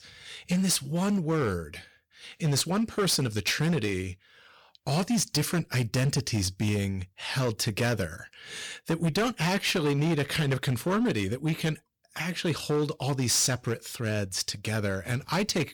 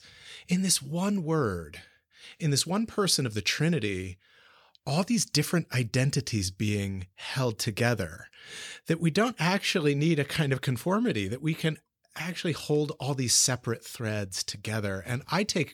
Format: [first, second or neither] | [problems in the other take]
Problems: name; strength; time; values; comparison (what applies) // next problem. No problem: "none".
second | distortion; slight; 11% of the sound clipped